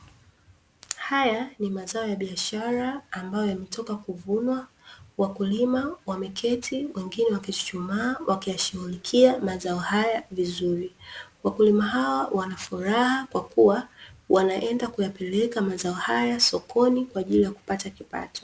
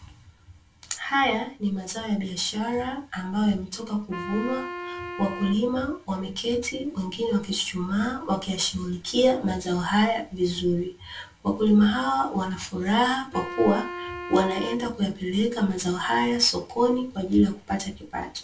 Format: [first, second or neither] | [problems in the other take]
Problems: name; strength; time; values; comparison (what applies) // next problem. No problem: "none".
first | background sound (Wind instrument, woodwind instrument); 12 dB below the speech // room echo; dies away in 0.2 s